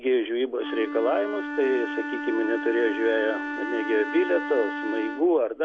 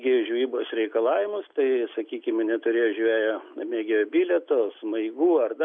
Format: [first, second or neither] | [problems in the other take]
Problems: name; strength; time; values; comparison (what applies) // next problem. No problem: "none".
second | background sound (Wind instrument, woodwind instrument); 7 dB below the speech